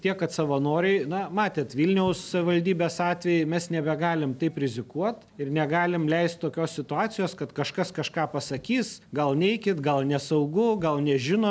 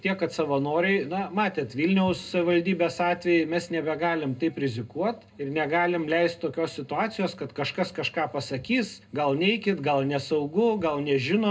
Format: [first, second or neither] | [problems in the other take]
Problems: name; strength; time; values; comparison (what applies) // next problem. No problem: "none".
first | room echo; dies away in 0.2 s